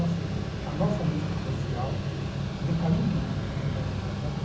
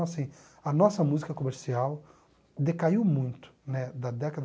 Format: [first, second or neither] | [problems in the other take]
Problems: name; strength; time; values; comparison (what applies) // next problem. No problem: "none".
second | background sound (Mechanical fan); 1 dB above the speech // room echo; dies away in 0.6 s